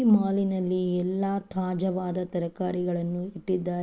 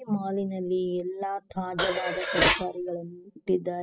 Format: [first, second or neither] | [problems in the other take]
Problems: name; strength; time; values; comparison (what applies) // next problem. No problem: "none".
first | noise reduction (classical method spectral subtraction)